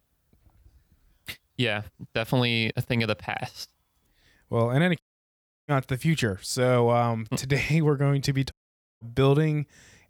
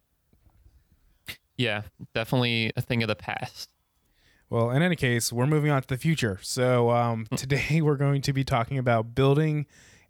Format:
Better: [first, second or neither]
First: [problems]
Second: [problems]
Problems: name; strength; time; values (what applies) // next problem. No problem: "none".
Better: second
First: audio cutting out; at 5 s for 0.5 s and at 8.5 s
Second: none